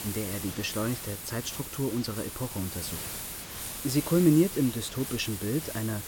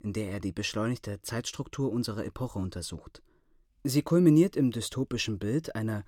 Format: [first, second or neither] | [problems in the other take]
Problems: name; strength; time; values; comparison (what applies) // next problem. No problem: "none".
second | hiss; loud; throughout; 7 dB below the speech